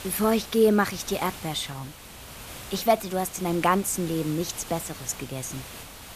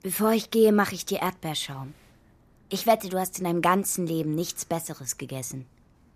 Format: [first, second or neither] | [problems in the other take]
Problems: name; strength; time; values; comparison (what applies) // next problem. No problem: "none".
second | hiss; noticeable; throughout; 15 dB below the speech